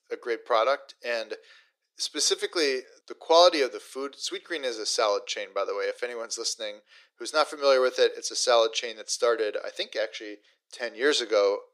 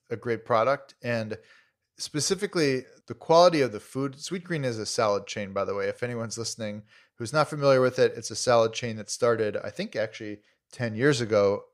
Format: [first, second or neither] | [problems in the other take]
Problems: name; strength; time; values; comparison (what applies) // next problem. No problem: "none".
second | thin; somewhat; fading below 350 Hz